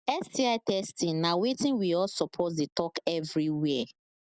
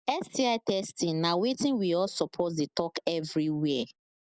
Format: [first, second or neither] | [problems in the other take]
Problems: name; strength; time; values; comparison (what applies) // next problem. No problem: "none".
first | noise reduction (neural mask model Resemble Enhance denoiser)